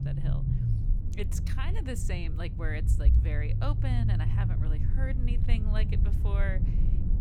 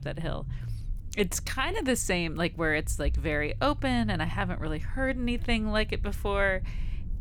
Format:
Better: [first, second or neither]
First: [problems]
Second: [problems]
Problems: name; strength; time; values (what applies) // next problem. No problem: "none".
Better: second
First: low rumble; loud; throughout; 3 dB below the speech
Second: low rumble; faint; throughout; 25 dB below the speech